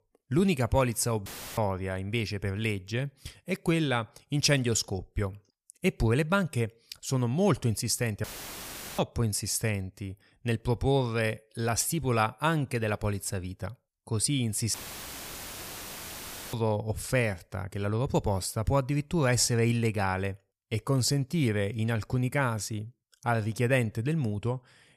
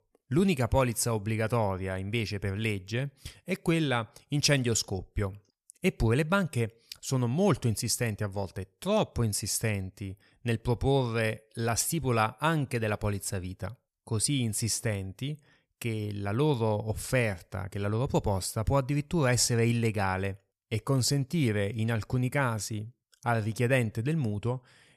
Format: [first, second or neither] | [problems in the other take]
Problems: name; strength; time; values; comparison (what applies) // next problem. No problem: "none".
second | audio cutting out; filled with static; at 1.5 s, at 8 s for 0.5 s and at 15 s for 2 s